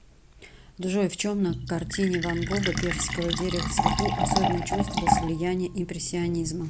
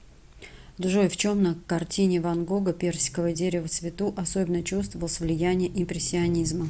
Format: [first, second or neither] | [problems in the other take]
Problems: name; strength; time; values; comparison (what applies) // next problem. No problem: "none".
second | background sound (Fill (with liquid)); 1 dB below the speech